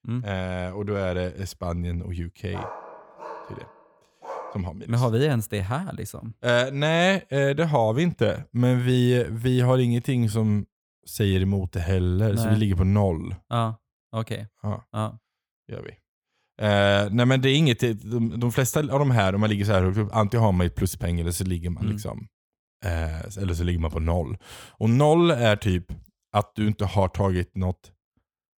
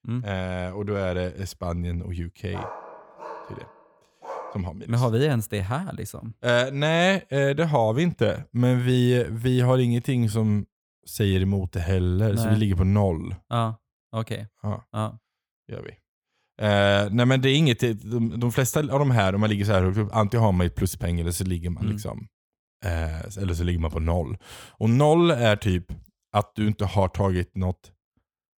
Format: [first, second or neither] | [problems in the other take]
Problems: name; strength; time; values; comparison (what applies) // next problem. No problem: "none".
neither | dog barking; faint; from 2.5 to 4.5 s; peak 15 dB below the speech; the same in both